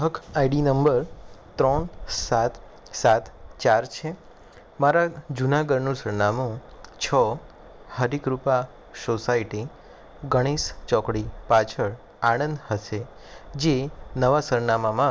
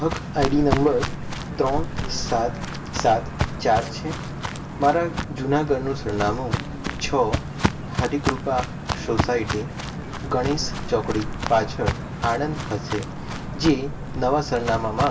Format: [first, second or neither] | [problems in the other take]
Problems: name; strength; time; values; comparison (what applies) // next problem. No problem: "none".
first | background sound (Walk, footsteps); 5 dB below the speech // room echo; dies away in 0.2 s